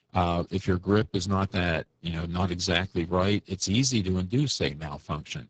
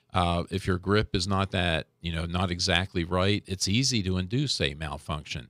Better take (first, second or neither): second